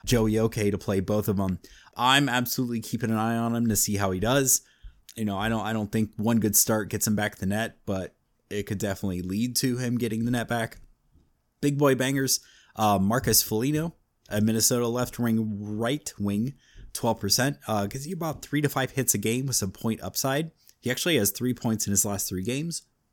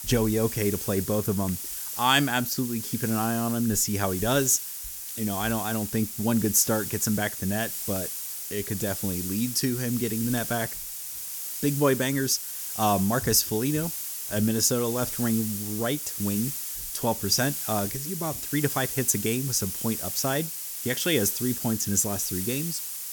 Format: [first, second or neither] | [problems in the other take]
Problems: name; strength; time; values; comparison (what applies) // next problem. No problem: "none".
first | hiss; loud; throughout; 5 dB below the speech